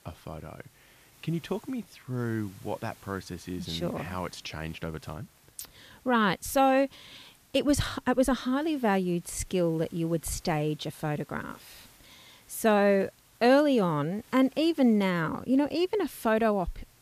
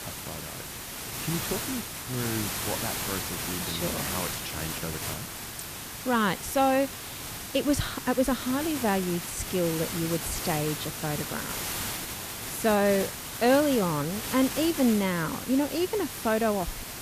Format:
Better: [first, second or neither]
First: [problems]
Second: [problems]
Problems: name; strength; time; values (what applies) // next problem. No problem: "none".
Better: first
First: hiss; faint; throughout; 30 dB below the speech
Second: hiss; loud; throughout; 5 dB below the speech